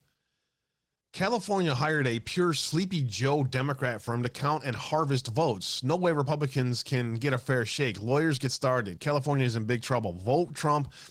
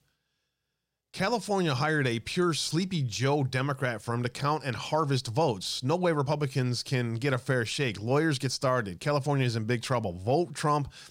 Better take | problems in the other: second | garbled, watery; slightly; nothing above 16 kHz

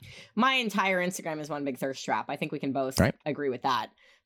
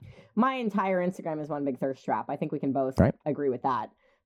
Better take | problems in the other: first | muffled; very; fading above 1.5 kHz

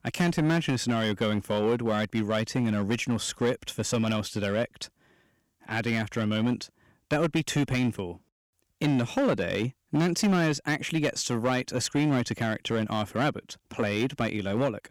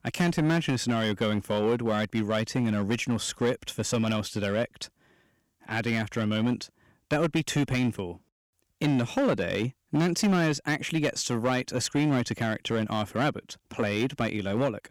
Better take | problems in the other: neither | distortion; slight; 7% of the sound clipped; the same in both

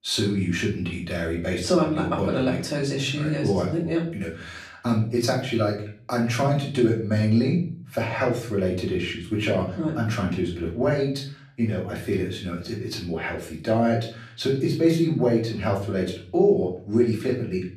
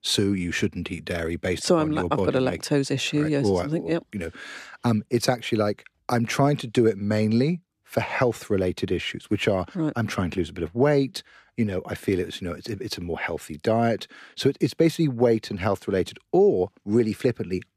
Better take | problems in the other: second | off-mic speech; far // room echo; slight; dies away in 0.5 s

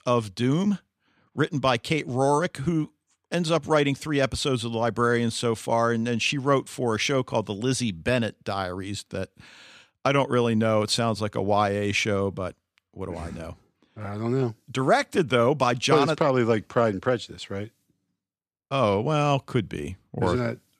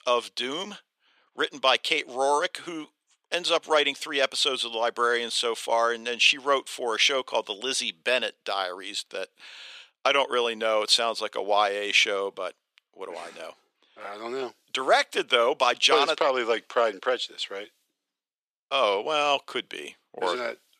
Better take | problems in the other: first | thin; very; fading below 450 Hz

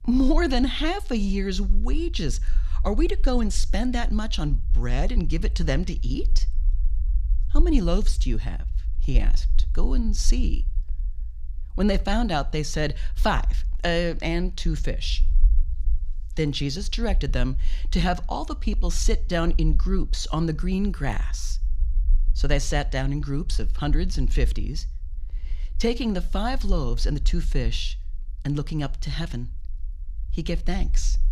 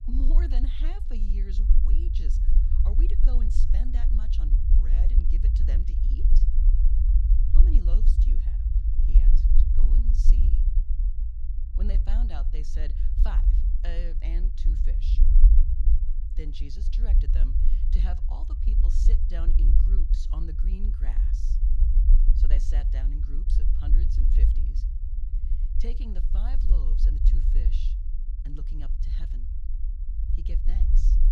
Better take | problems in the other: first | low rumble; loud; throughout; 1 dB below the speech; faint in the first

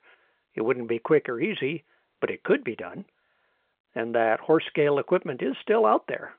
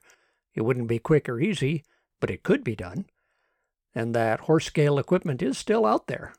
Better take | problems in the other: second | phone-call audio; nothing above 3.5 kHz

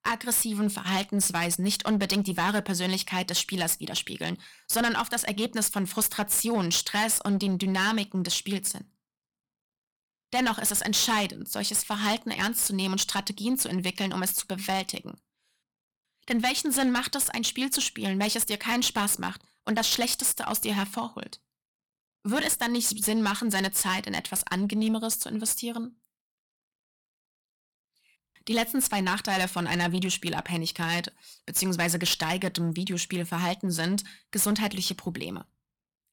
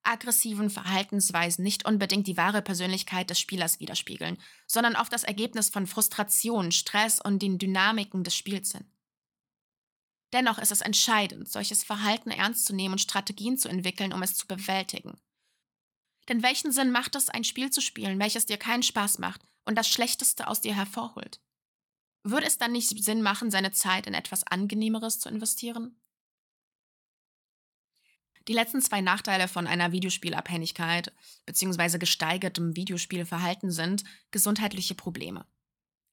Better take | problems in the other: second | distortion; slight; 6% of the sound clipped

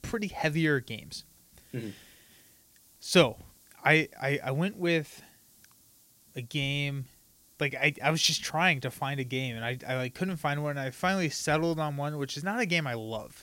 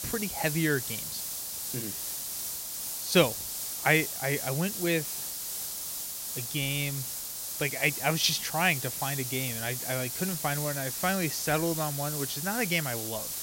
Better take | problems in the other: first | hiss; loud; throughout; 3 dB below the speech; faint in the first

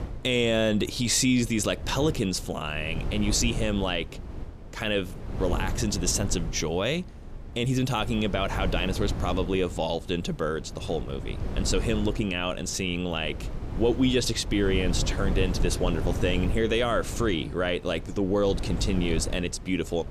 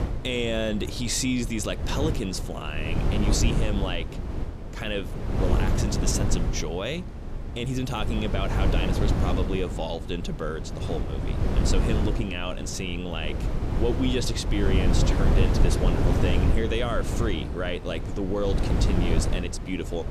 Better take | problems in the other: first | wind noise on the microphone; heavy; 4 dB below the speech; occasional gusts in the first

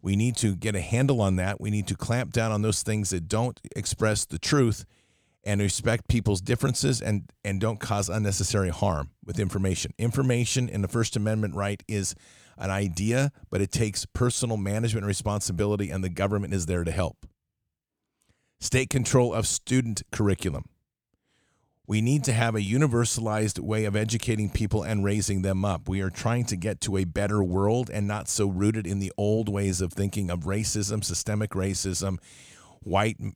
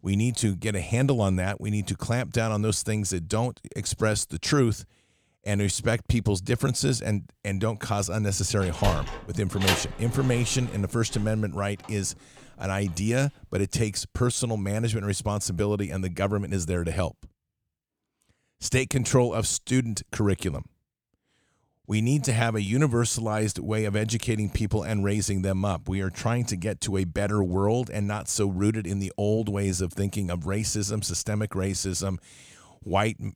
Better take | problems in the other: first | door banging; loud; from 8.5 to 11 s; peak 1 dB above the speech

